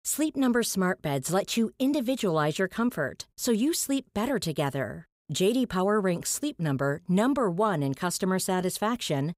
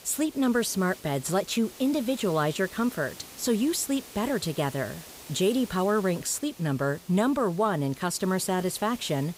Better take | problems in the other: first | hiss; noticeable; throughout; 15 dB below the speech

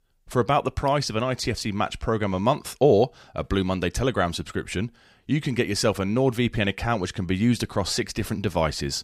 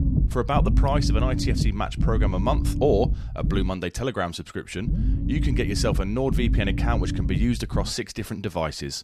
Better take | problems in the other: first | low rumble; loud; until 3.5 s and from 5 to 8 s; 9 dB below the speech

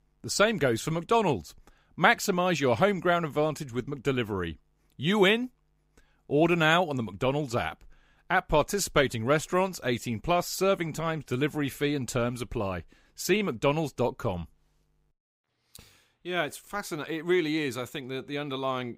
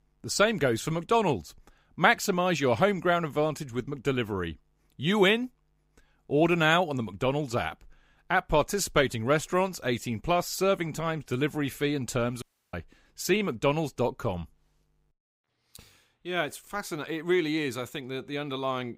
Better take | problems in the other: first | audio cutting out; at 12 s

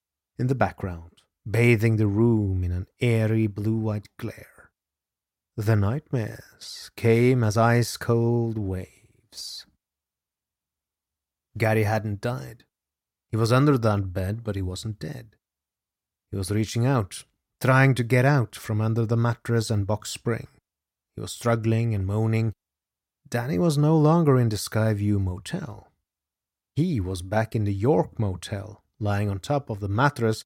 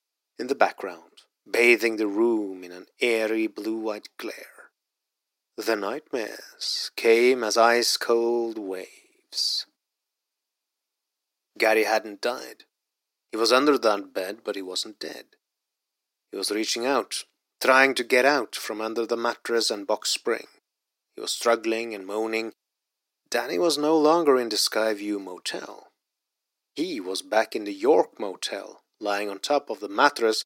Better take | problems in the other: first | thin; very; fading below 300 Hz

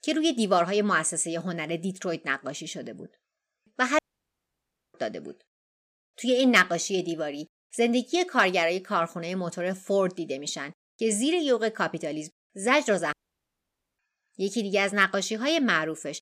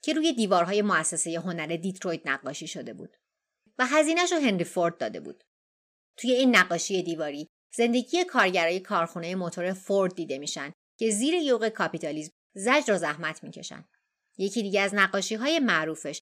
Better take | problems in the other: second | audio cutting out; at 4 s for 1 s and at 13 s for 1 s

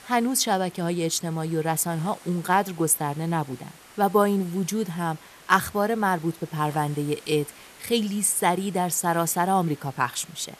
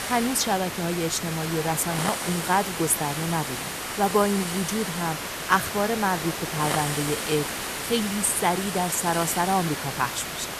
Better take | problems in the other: first | hiss; loud; throughout; 4 dB below the speech; faint in the first

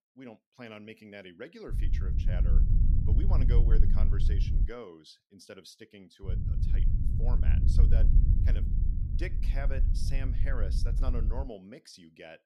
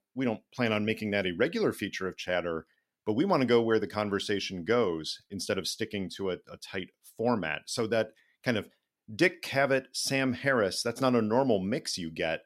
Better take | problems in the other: second | low rumble; loud; from 1.5 to 4.5 s and from 6.5 to 11 s; 2 dB below the speech

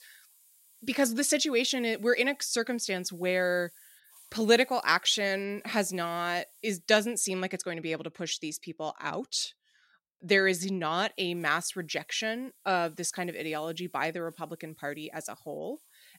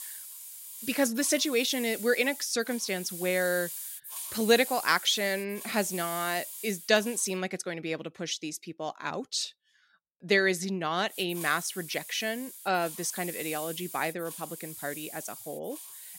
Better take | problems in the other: first | hiss; loud; until 7.5 s and from 11 s on; 9 dB below the speech; faint in the first

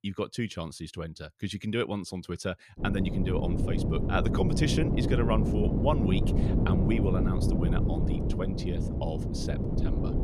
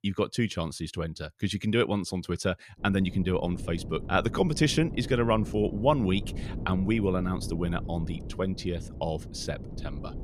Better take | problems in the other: second | wind noise on the microphone; heavy; from 3 s on; 2 dB below the speech; occasional gusts in the second

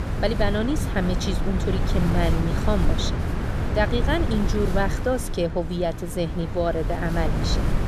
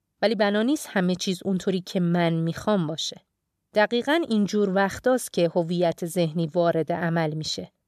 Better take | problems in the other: second | wind noise on the microphone; heavy; 6 dB below the speech

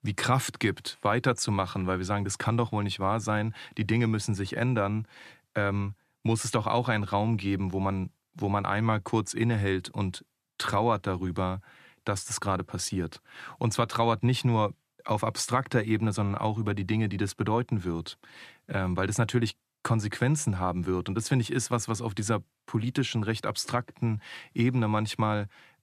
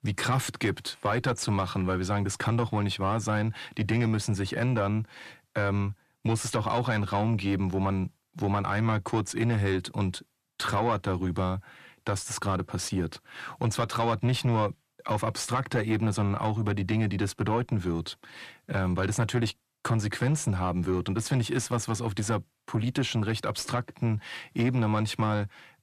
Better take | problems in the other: first | distortion; slight; 10 dB below the speech

